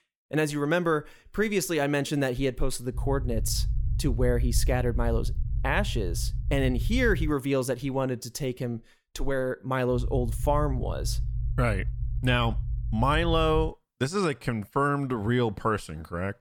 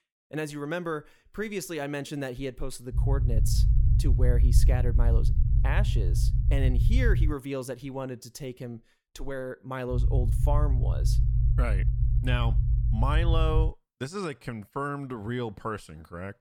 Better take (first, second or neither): first